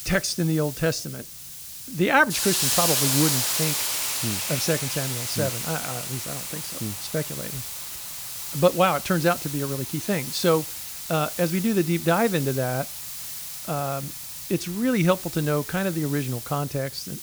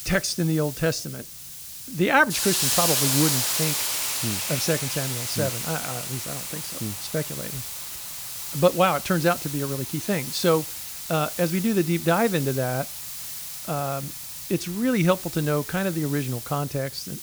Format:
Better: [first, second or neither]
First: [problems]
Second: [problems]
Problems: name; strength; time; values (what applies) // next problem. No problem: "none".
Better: neither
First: hiss; loud; throughout; 3 dB below the speech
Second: hiss; loud; throughout; 3 dB below the speech